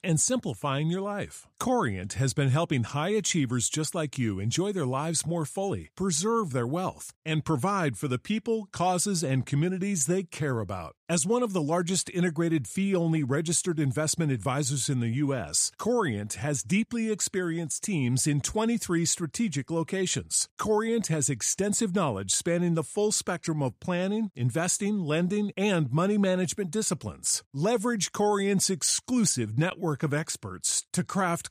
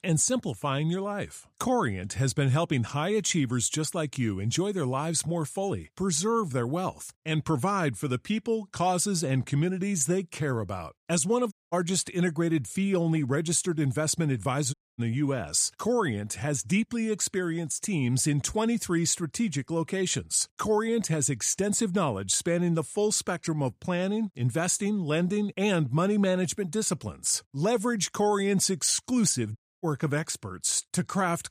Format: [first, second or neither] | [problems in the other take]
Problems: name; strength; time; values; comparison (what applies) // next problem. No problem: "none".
first | audio cutting out; at 12 s, at 15 s and at 30 s